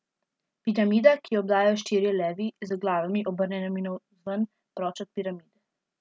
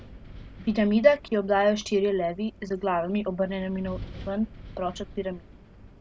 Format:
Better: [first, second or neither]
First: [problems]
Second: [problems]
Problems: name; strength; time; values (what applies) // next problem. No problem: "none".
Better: first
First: none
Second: background sound (Wind); 17 dB below the speech